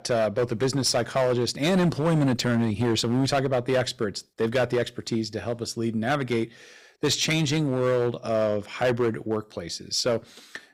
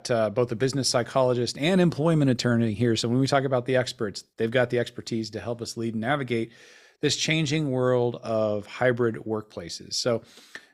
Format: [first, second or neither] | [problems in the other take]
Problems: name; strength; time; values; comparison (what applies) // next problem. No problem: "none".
second | distortion; slight; 8% of the sound clipped